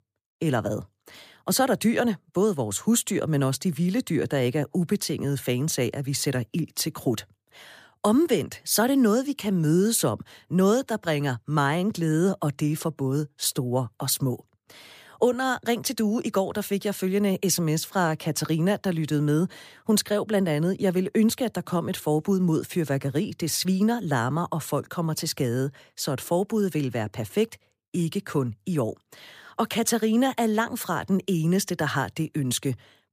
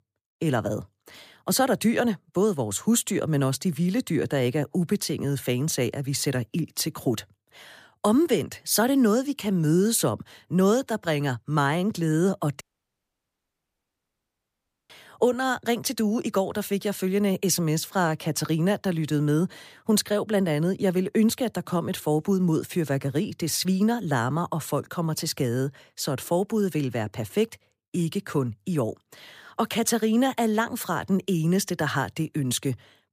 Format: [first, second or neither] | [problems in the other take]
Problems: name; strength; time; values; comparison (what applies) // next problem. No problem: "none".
first | audio cutting out; at 13 s for 2.5 s